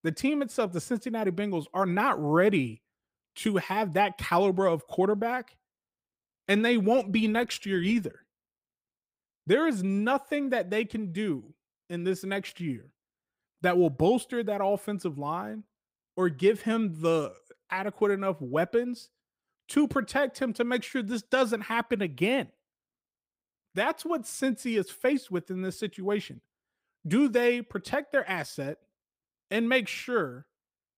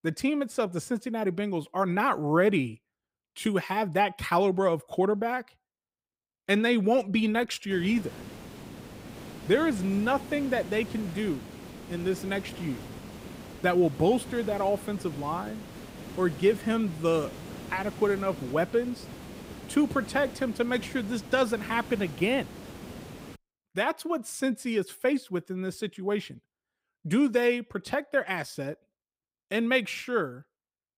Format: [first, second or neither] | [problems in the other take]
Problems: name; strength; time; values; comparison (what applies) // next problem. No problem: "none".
first | hiss; noticeable; from 7.5 to 23 s; 15 dB below the speech